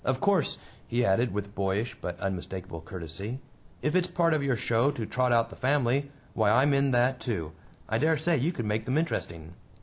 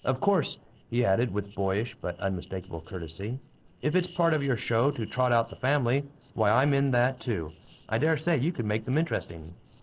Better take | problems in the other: first | noise reduction (neural separator model SepFormer DNS4)

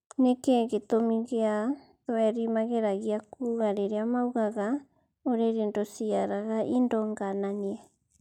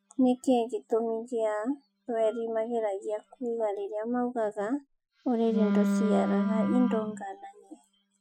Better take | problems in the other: first | noise reduction (classical method Wiener filter)

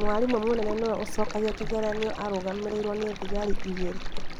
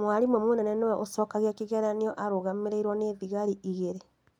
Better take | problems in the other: second | background sound (Stream); as loud as the speech

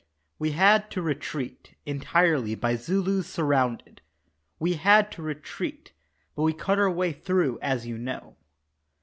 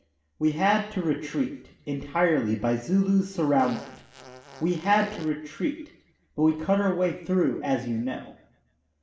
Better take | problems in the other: first | background sound (Fart); 16 dB below the speech // room echo; dies away in 0.7 s

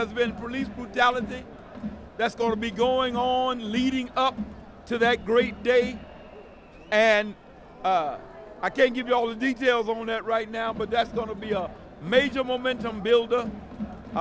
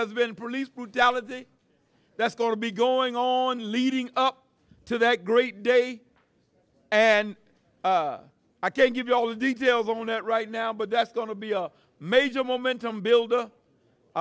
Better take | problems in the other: second | background sound (Crowd); 13 dB below the speech

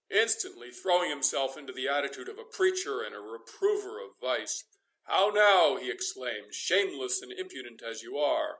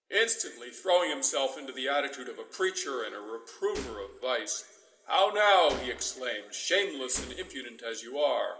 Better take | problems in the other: first | background sound (Gunshot, gunfire); 17 dB below the speech // room echo; dies away in 1.5 s

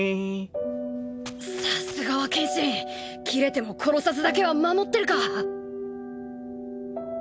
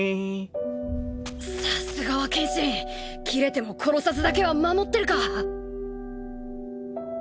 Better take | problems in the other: first | background sound (Explosion); 12 dB below the speech

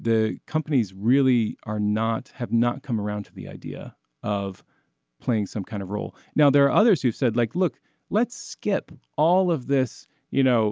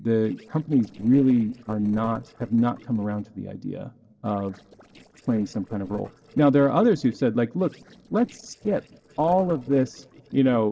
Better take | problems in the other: first | noise reduction (neural separator model SepFormer DNS4)

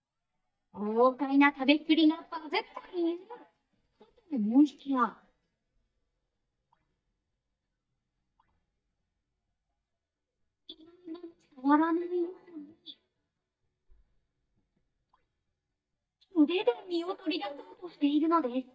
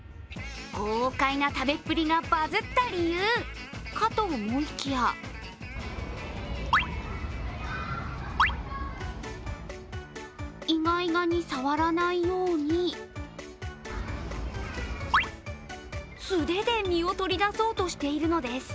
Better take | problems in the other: second | noise reduction (neural mask model DeepFilterNet 3)

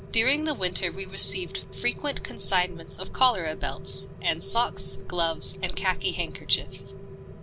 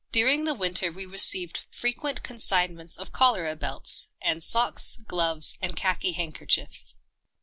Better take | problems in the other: second | background sound (Rain); 11 dB below the speech

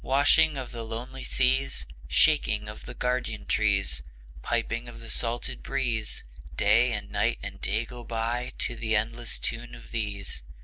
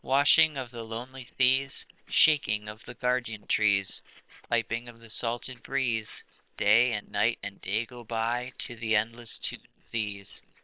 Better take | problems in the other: first | noise reduction (neural separator model SepFormer WHAM!)

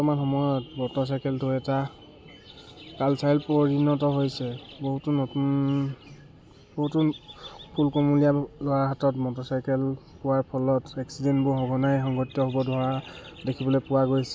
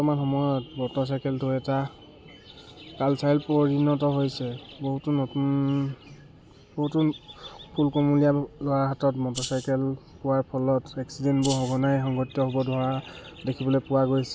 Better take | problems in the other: first | background sound (Rattle (instrument)); 10 dB below the speech

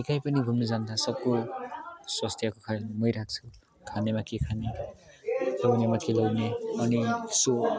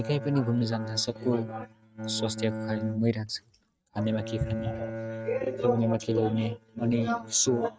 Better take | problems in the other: first | noise reduction (neural mask model RNNoise)

